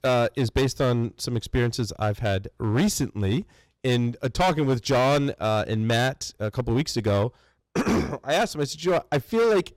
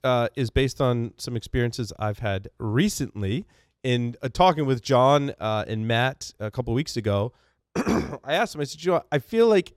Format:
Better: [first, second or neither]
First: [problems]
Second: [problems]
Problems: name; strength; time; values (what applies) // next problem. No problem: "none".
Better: second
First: distortion; heavy; 11% of the sound clipped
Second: none